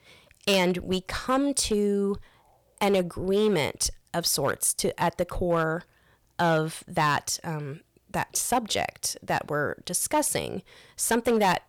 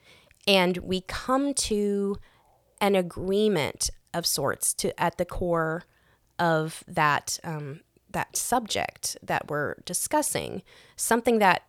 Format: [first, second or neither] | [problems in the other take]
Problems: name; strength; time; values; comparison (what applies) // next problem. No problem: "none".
second | distortion; slight; 3% of the sound clipped